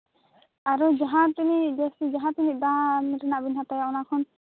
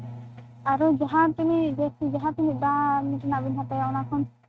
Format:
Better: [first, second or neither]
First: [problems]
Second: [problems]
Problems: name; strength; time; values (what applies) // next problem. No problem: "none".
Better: first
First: none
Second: noise reduction (neural mask model RNNoise)